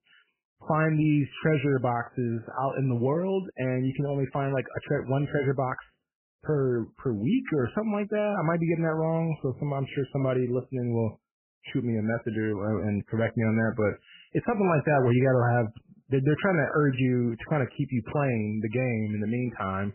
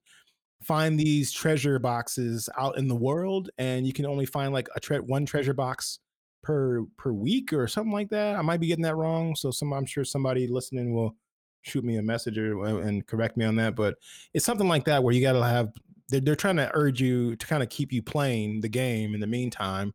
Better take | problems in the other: second | garbled, watery; badly; nothing above 3 kHz

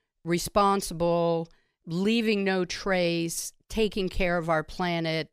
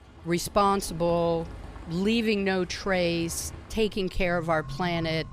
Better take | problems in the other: first | traffic noise; noticeable; throughout; 15 dB below the speech

